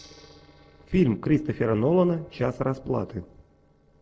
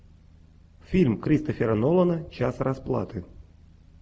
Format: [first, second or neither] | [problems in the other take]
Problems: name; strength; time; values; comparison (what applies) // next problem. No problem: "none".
second | noise reduction (neural separator model SepFormer DNS4)